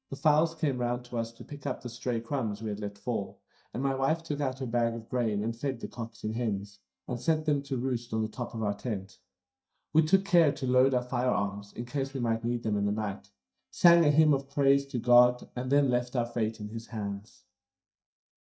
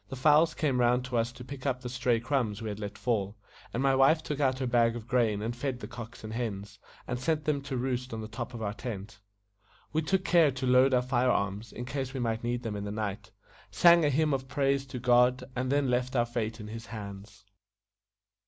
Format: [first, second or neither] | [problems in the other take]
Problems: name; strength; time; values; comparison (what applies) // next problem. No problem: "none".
second | noise reduction (neural mask model DeepFilterNet 3)